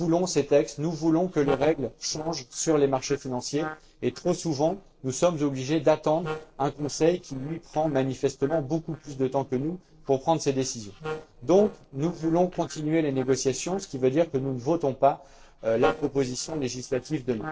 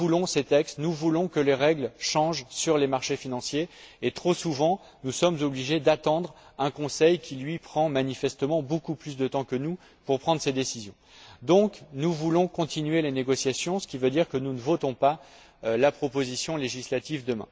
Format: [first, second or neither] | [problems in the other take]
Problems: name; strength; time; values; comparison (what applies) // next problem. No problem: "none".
second | noise reduction (neural separator model SepFormer DNS4)